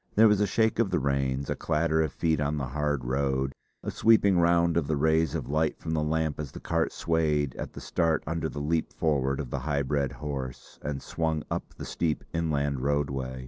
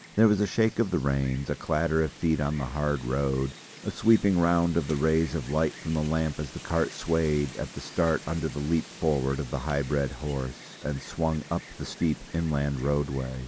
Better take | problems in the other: first | background sound (Wind); 19 dB below the speech

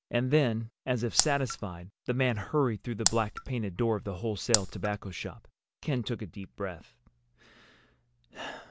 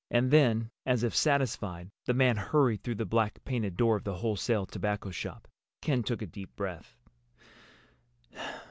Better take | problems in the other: second | background sound (Raindrop); as loud as the speech

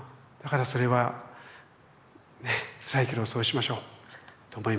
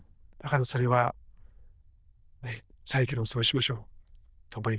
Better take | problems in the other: first | noise reduction (neural diffusion model UNIVERSE++)

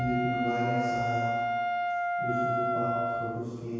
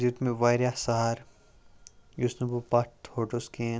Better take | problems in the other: second | background sound (Wind instrument, woodwind instrument); 3 dB above the speech // room echo; dies away in 2 s

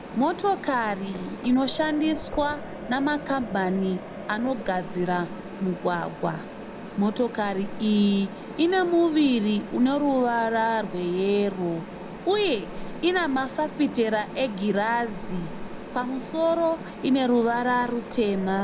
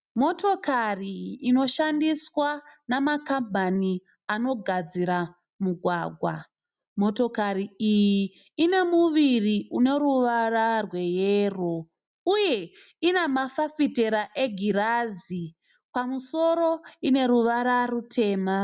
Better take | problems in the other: second | background sound (Mechanisms); 11 dB below the speech

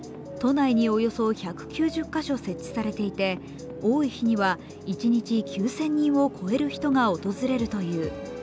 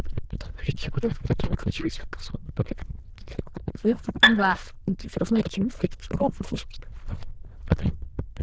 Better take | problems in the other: first | noise reduction (neural diffusion model UNIVERSE++)

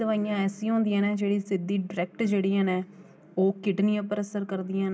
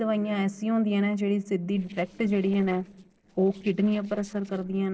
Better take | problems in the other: first | noise reduction (neural separator model SepFormer DNS4)

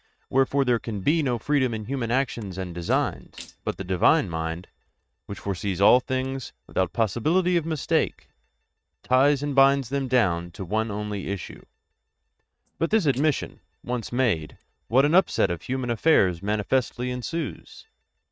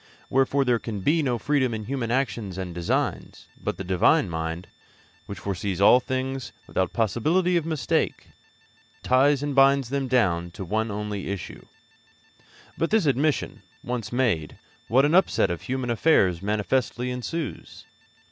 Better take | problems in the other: second | noise reduction (neural mask model RNNoise)

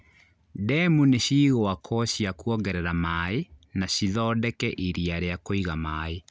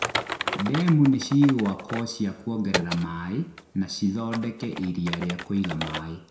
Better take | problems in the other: first | background sound (Typing); 8 dB below the speech // room echo; dies away in 0.5 s

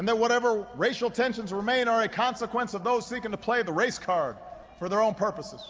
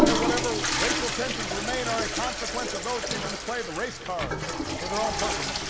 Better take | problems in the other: first | background sound (Toilet flush / Water); 4 dB above the speech

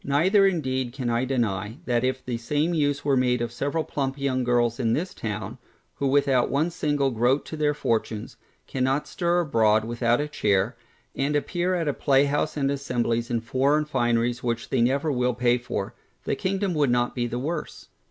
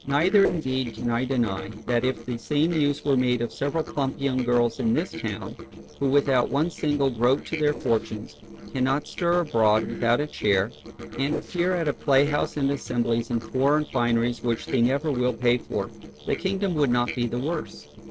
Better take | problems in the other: first | noise reduction (neural separator model SepFormer DNS4)

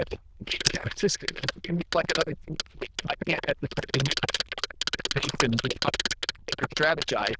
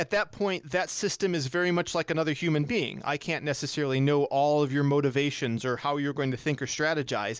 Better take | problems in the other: second | noise reduction (neural diffusion model UNIVERSE++)

